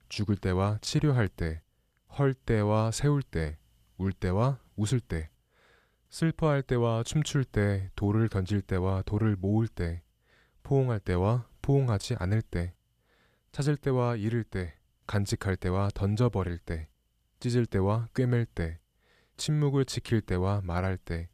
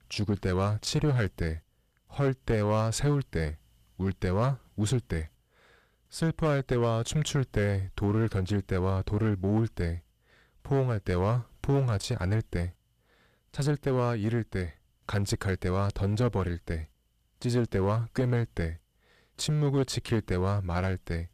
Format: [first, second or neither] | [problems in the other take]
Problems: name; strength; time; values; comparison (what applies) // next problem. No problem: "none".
first | distortion; slight; 9% of the sound clipped